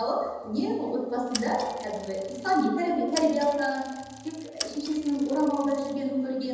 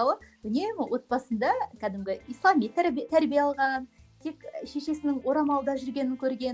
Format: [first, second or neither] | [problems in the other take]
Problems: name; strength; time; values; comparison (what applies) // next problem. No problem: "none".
second | background sound (Mechanisms / Bicycle); 14 dB below the speech // room echo; dies away in 1.1 s